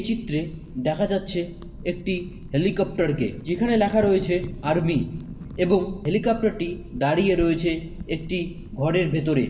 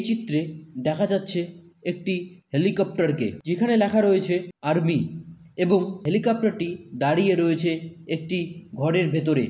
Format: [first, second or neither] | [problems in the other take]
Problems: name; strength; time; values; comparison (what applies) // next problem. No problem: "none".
second | background sound (Wind / Fire); 13 dB below the speech // room echo; dies away in 0.6 s